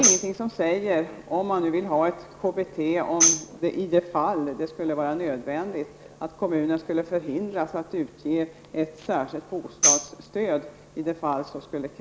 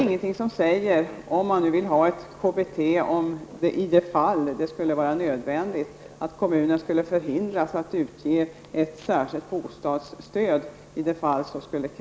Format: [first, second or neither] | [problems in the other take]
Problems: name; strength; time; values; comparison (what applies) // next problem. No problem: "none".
second | background sound (Tambourine); 1 dB above the speech